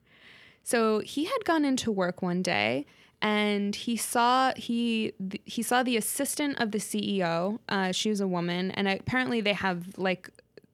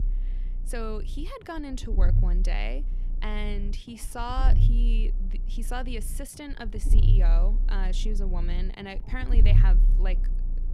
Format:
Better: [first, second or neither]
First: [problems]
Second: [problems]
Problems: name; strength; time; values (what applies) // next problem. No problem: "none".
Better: first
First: none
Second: low rumble; loud; throughout; 9 dB below the speech